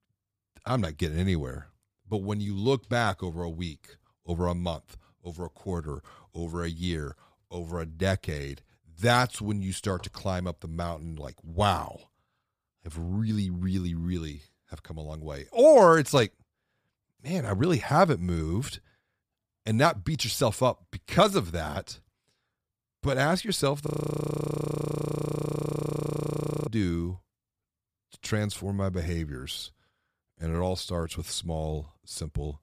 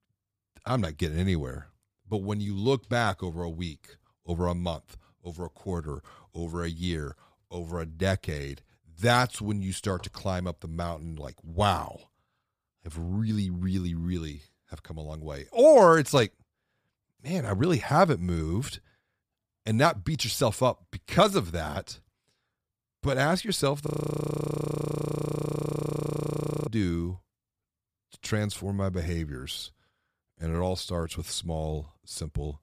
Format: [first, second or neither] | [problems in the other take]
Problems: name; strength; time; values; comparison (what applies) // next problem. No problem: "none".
neither | audio freezing; at 24 s for 3 s; the same in both